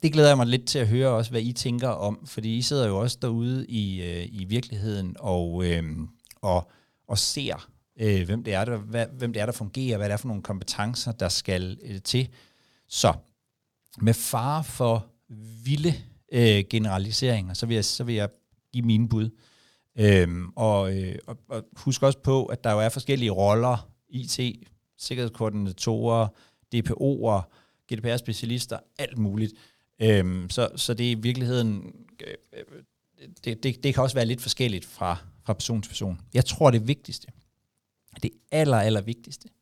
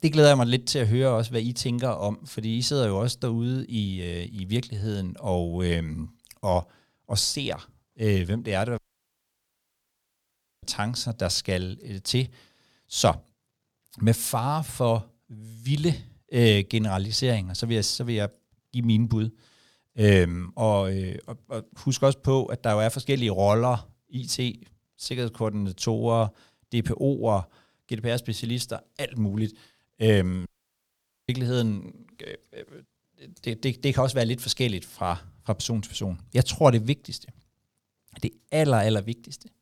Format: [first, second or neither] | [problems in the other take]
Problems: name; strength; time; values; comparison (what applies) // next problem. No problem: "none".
first | audio cutting out; at 9 s for 2 s and at 30 s for 1 s